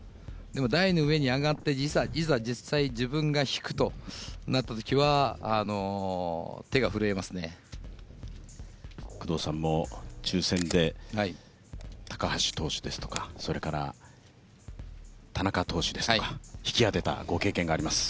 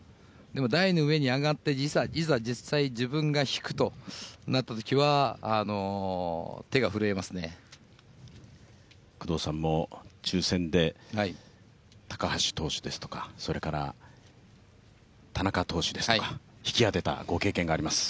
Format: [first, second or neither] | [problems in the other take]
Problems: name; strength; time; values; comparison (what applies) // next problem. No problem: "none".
second | background sound (Camera + Drum kit); 14 dB below the speech